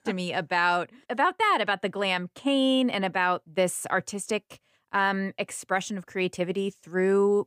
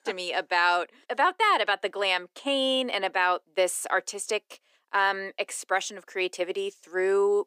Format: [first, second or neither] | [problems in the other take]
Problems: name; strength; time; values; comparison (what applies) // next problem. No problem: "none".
first | thin; somewhat; fading below 350 Hz